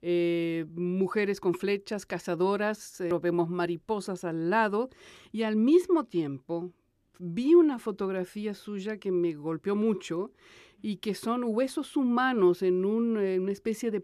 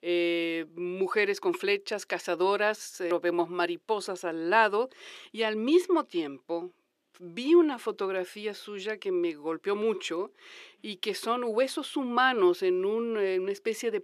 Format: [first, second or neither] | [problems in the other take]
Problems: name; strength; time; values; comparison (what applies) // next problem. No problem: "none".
first | thin; somewhat; fading below 450 Hz